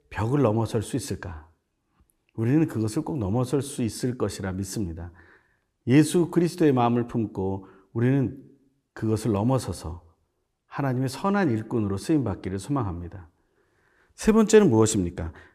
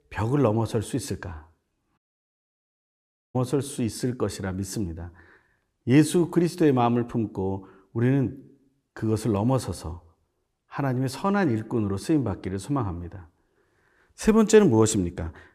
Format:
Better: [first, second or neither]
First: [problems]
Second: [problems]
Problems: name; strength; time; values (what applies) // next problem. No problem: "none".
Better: first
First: none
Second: audio cutting out; at 2 s for 1.5 s